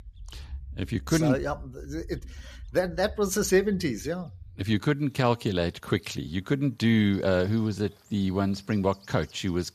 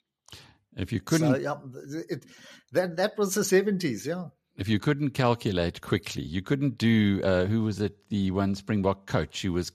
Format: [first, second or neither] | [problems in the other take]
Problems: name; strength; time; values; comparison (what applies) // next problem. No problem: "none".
second | animal sounds; noticeable; throughout; 20 dB below the speech